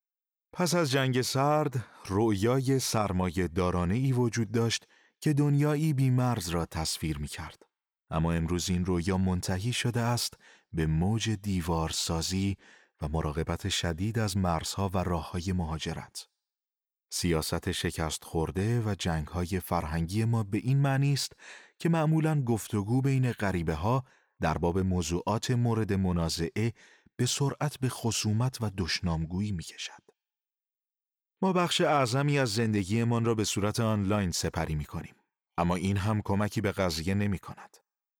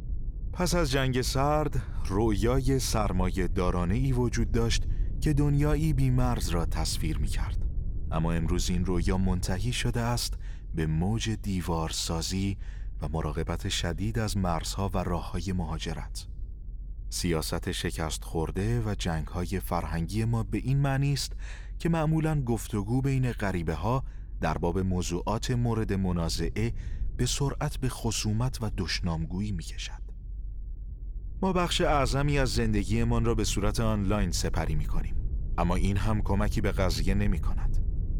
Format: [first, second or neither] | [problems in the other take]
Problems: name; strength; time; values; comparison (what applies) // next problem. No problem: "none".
first | low rumble; faint; throughout; 20 dB below the speech